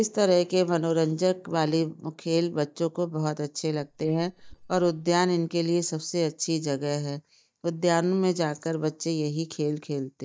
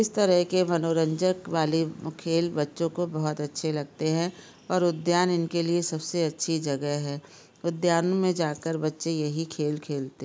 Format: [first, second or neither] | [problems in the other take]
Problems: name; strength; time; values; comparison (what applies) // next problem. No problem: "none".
second | noise reduction (neural mask model DeepFilterNet 3)